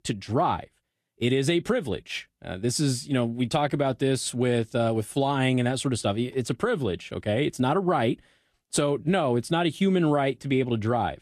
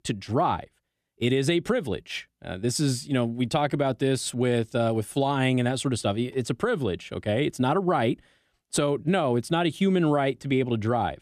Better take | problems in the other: second | garbled, watery; slightly; nothing above 12.5 kHz

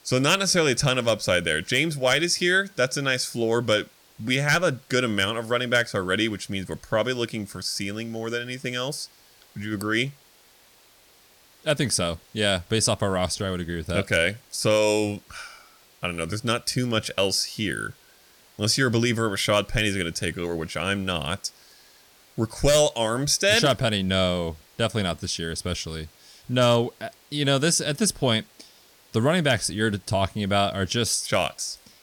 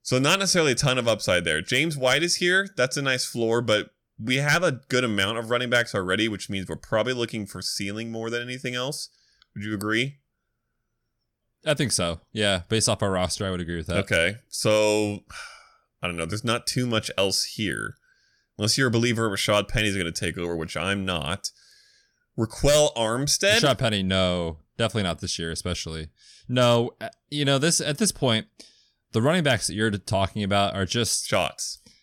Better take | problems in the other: second | hiss; faint; throughout; 30 dB below the speech

